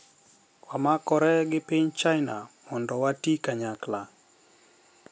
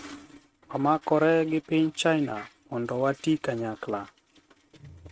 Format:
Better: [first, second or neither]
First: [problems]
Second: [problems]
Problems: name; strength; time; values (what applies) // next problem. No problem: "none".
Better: first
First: none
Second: noise reduction (neural mask model RNNoise)